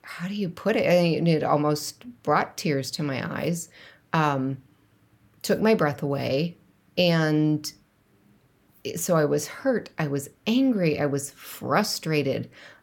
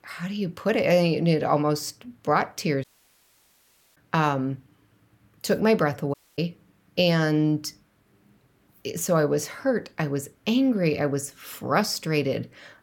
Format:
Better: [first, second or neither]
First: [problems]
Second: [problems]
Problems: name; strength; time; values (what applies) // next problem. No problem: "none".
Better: first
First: none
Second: audio cutting out; at 3 s for 1 s and at 6 s